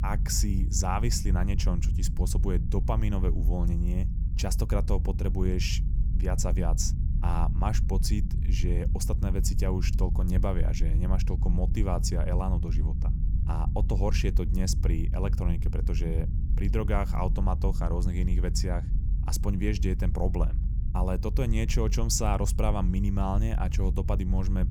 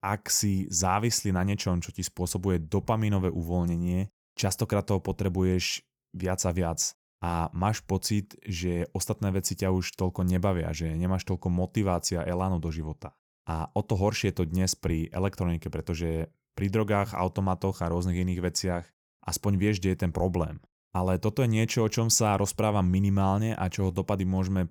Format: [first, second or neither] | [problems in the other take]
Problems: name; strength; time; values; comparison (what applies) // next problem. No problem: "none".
second | low rumble; noticeable; throughout; 10 dB below the speech